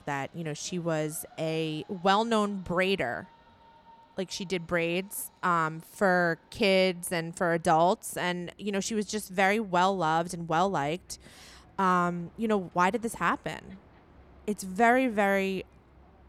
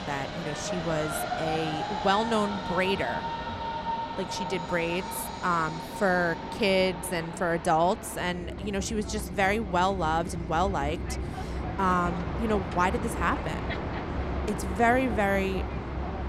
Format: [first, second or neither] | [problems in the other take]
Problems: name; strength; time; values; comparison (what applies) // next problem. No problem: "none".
first | train or aircraft noise; loud; throughout; 6 dB below the speech; faint in the first